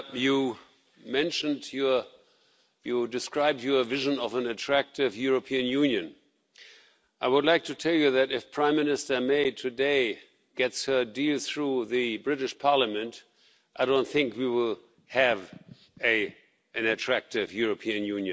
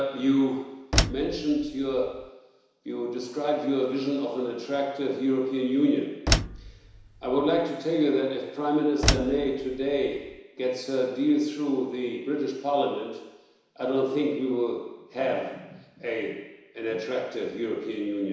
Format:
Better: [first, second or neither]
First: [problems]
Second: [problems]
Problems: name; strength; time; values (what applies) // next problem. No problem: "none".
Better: first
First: none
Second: background sound (Slam); 2 dB below the speech // room echo; dies away in 1 s